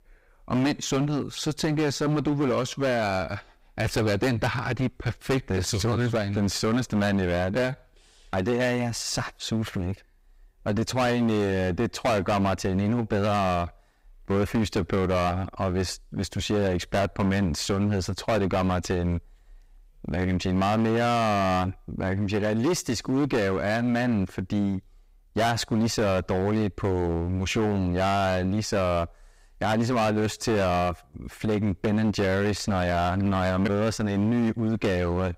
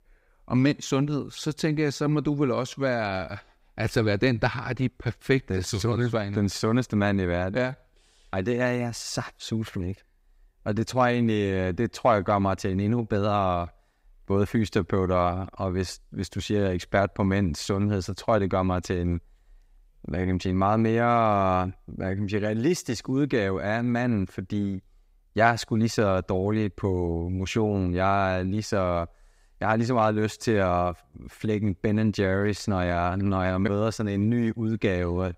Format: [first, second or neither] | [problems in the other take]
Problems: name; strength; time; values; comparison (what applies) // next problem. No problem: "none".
second | distortion; heavy; 17% of the sound clipped